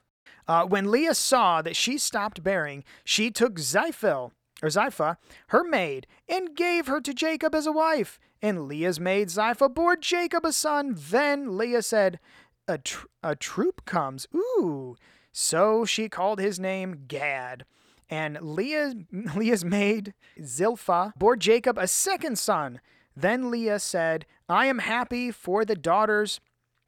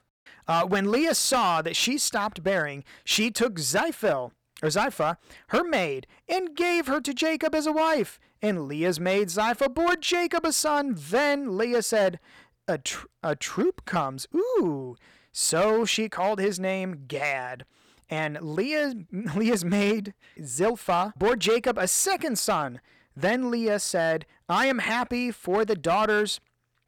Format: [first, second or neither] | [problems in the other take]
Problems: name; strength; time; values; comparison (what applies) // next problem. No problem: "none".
first | distortion; slight; 6% of the sound clipped